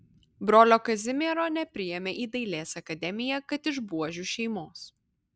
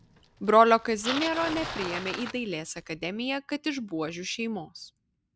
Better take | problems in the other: first | background sound (Bicycle); 12 dB below the speech

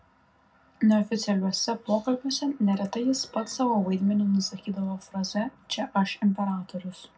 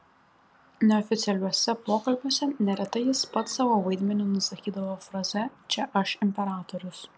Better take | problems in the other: second | room echo; dies away in 0.4 s

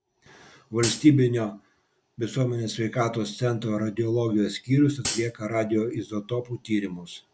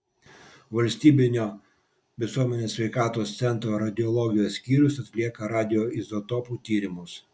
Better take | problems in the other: second | background sound (Hi-hat); 6 dB below the speech

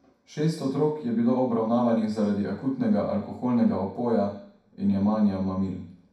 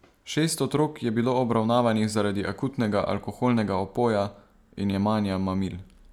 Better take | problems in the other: second | room echo; dies away in 0.6 s

